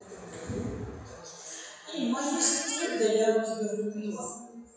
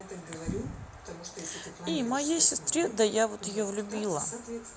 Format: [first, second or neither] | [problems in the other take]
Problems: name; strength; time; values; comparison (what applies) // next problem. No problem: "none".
second | noise reduction (classical method WPE with log-MMSE)